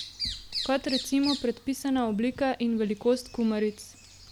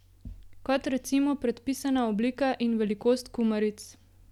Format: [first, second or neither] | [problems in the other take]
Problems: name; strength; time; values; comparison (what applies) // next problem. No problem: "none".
second | background sound (Bird vocalization, bird call, bird song); 11 dB below the speech